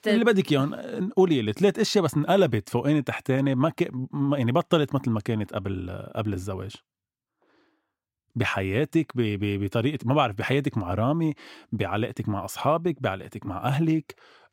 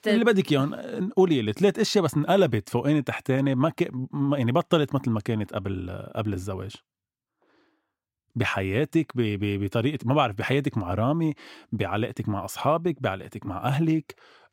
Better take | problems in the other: neither | none

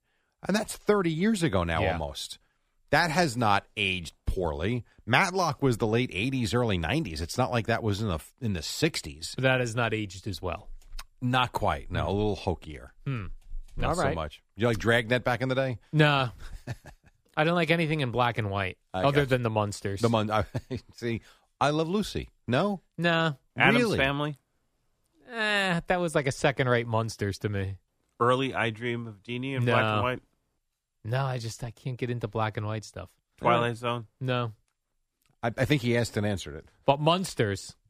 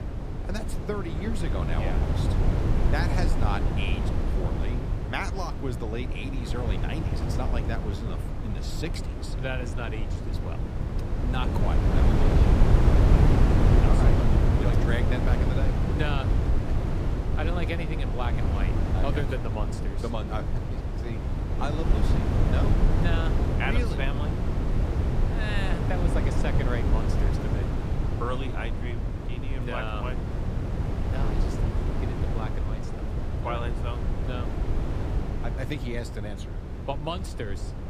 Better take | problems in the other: first | wind noise on the microphone; heavy; as loud as the speech

